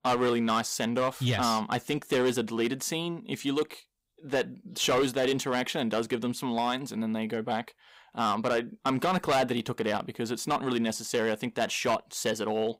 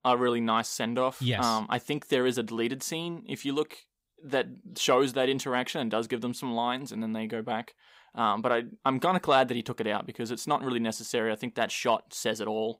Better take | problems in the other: second | distortion; slight; 6% of the sound clipped

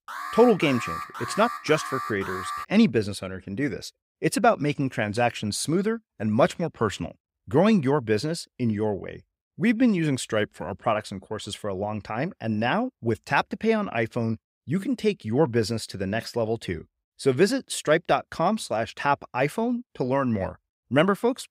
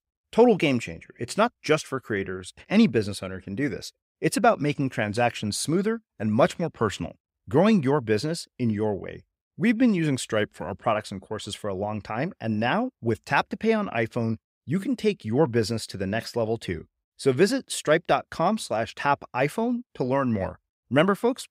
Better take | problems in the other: second | alarm; noticeable; until 2.5 s; peak 7 dB below the speech

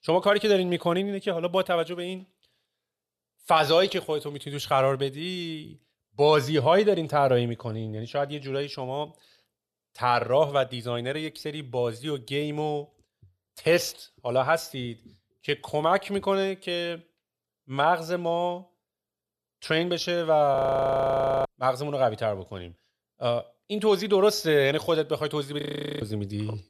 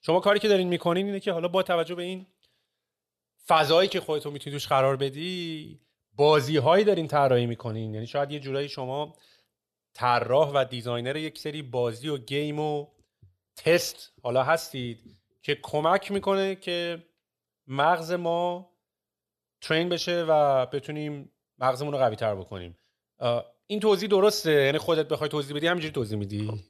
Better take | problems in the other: second | audio freezing; at 21 s for 1 s and at 26 s

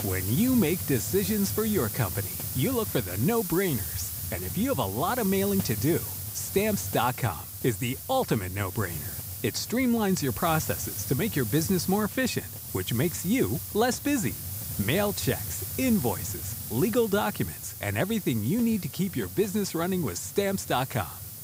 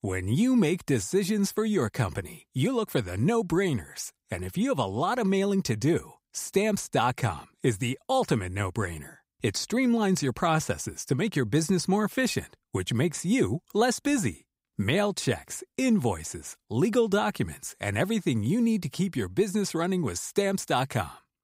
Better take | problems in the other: second | hiss; loud; throughout; 6 dB below the speech

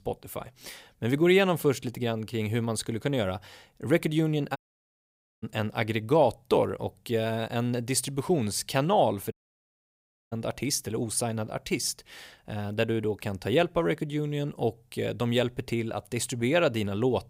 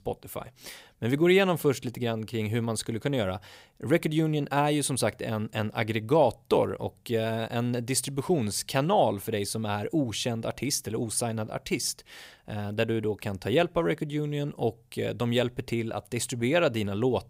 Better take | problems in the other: second | audio cutting out; at 4.5 s for 1 s and at 9.5 s for 1 s

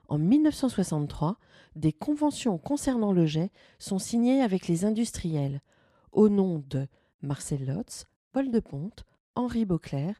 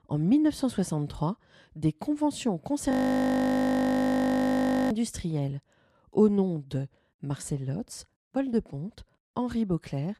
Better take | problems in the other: first | audio freezing; at 3 s for 2 s

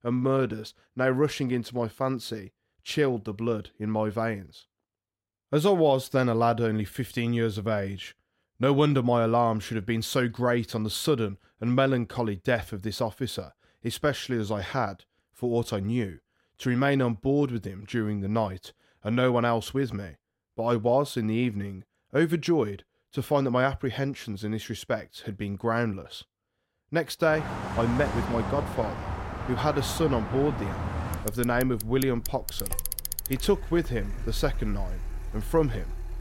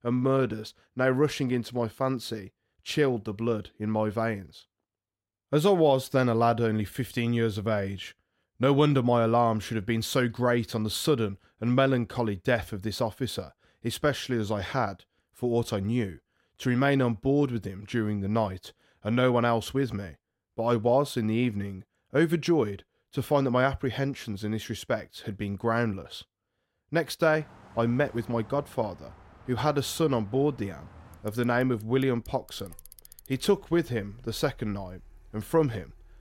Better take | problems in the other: second | traffic noise; loud; from 27 s on; 7 dB below the speech; faint in the second

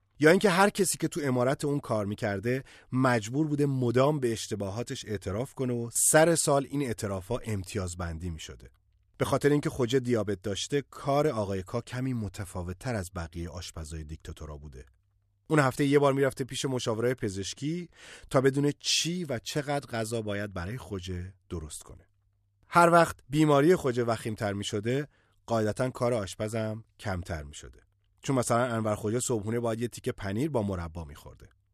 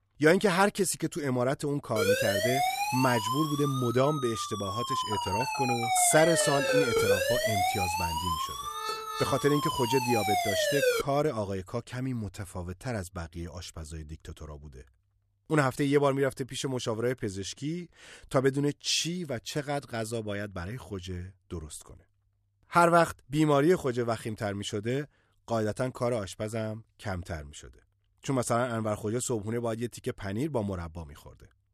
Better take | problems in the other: first | siren; loud; from 2 to 11 s; peak 5 dB above the speech

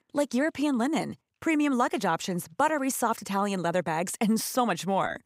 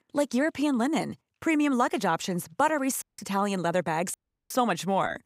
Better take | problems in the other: first | audio cutting out; at 3 s and at 4 s

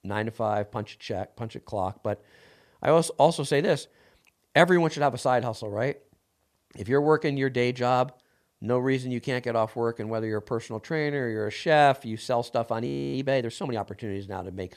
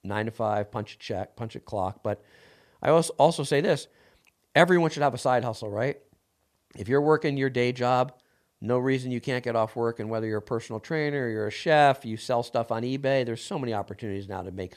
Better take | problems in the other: second | audio freezing; at 13 s

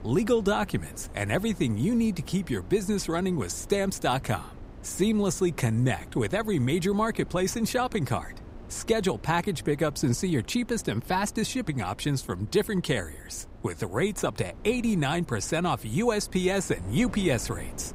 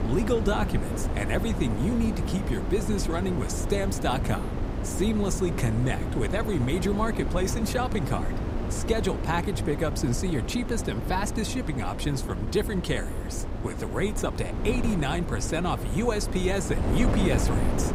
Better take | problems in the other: first | wind noise on the microphone; heavy; 6 dB below the speech; occasional gusts in the first

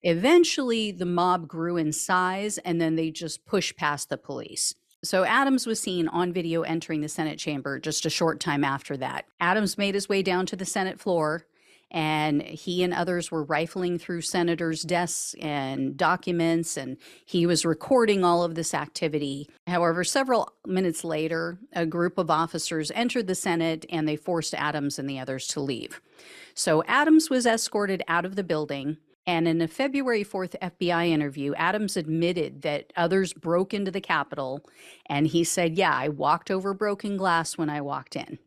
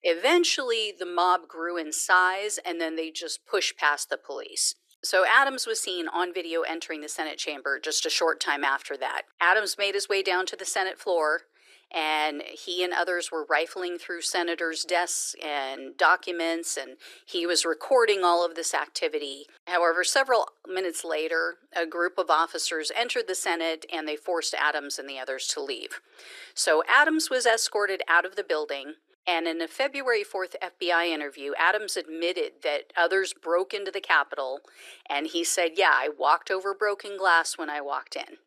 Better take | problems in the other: first | thin; very; fading below 350 Hz

